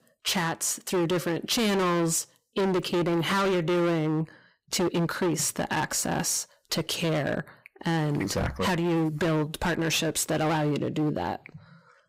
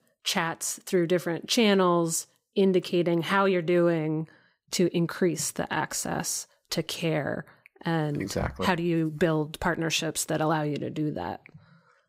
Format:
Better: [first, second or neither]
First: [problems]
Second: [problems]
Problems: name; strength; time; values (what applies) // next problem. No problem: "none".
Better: second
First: distortion; heavy; 21% of the sound clipped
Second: none